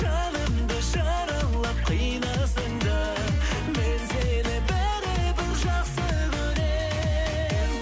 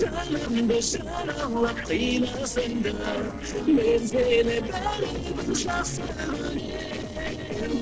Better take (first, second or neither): first